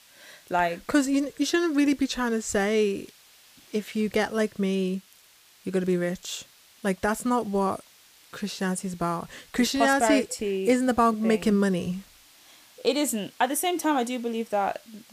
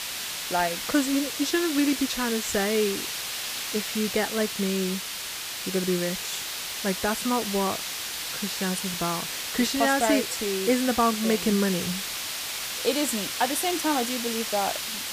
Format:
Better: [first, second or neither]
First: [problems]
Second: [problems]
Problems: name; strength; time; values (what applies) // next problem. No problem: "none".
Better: first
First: hiss; faint; throughout; 25 dB below the speech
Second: hiss; loud; throughout; 3 dB below the speech